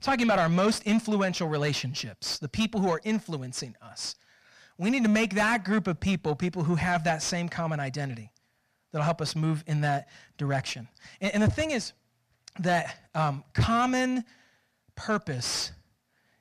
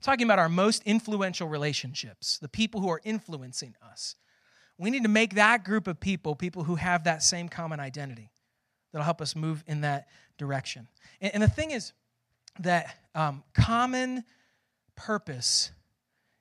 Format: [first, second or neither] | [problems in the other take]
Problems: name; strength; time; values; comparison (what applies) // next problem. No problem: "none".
second | distortion; heavy; 7 dB below the speech